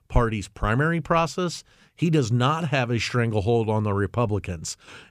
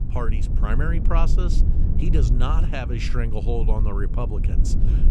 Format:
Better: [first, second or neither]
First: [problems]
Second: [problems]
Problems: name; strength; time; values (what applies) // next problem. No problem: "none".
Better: first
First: none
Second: low rumble; loud; throughout; 7 dB below the speech